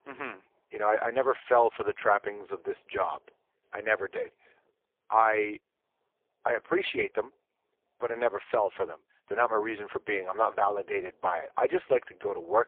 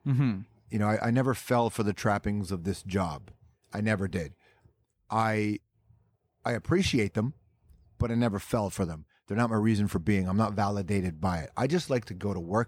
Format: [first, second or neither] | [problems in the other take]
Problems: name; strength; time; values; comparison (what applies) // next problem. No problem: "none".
second | phone-call audio; poor line